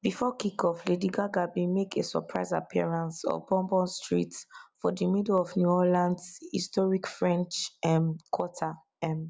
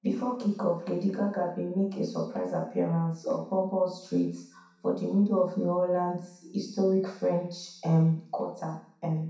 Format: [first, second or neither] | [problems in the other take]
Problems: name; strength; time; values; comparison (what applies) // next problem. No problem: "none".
first | room echo; dies away in 0.6 s